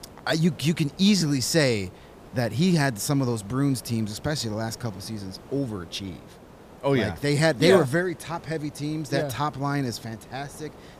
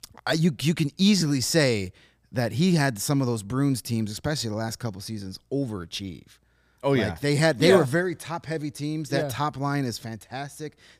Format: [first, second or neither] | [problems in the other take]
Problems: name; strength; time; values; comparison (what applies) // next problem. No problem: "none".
second | hiss; faint; throughout; 20 dB below the speech